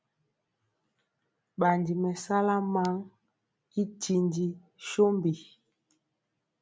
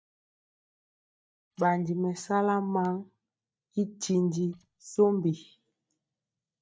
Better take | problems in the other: first | noise reduction (neural mask model DeepFilterNet 3)

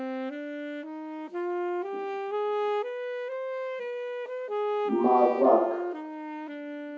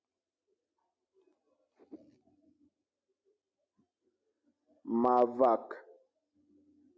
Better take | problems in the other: second | background sound (Wind instrument, woodwind instrument); 1 dB below the speech // room echo; dies away in 0.7 s

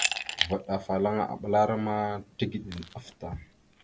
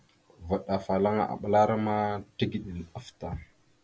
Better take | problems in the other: second | background sound (Glass); 7 dB below the speech

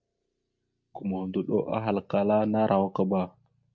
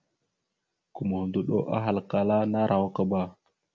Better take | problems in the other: second | noise reduction (neural mask model DeepFilterNet 3)

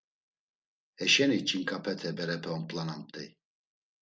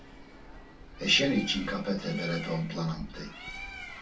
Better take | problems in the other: first | background sound (Bird); 11 dB below the speech // room echo; dies away in 0.2 s

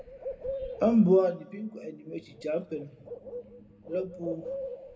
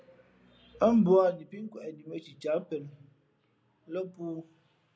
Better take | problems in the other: second | background sound (Bird); 10 dB below the speech // room echo; dies away in 1.1 s

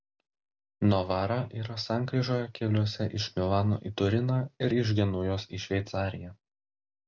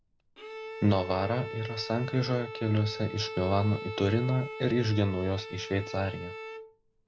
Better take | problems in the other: first | background sound (Bowed string instrument); 11 dB below the speech

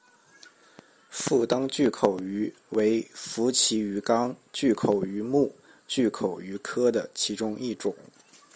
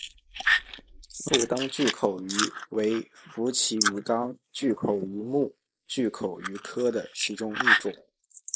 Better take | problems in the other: first | noise reduction (neural mask model Resemble Enhance denoiser)

